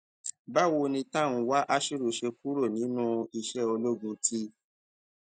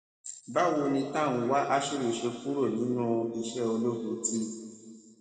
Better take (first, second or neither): first